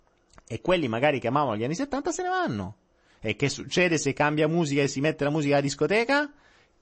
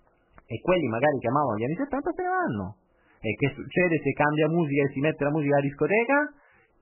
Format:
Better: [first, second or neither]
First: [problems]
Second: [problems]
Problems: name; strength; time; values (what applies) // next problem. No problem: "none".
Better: first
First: garbled, watery; slightly; nothing above 8 kHz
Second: garbled, watery; badly; nothing above 3 kHz